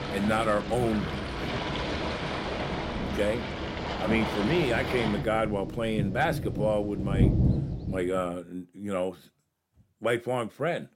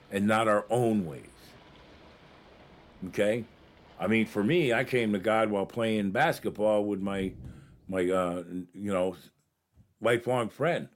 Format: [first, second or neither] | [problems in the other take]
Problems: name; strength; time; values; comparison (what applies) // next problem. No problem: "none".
second | rain or running water; loud; until 8 s; 2 dB below the speech; faint in the second